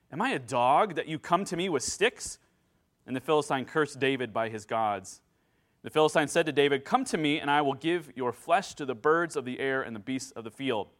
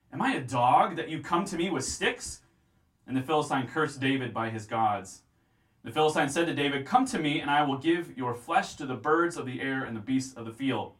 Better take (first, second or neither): first